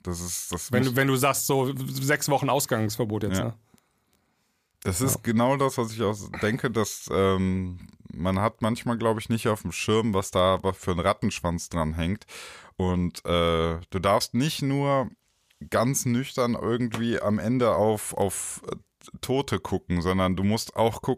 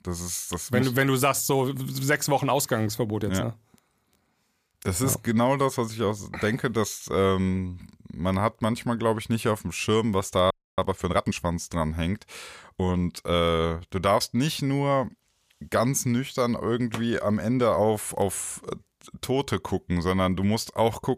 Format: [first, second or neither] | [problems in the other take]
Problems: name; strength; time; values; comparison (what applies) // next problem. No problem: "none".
first | audio freezing; at 11 s